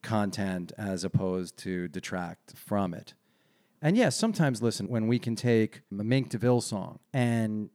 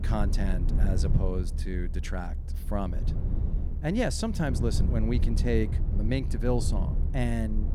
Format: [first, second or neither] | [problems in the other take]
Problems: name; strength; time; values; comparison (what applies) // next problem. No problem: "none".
first | low rumble; noticeable; throughout; 10 dB below the speech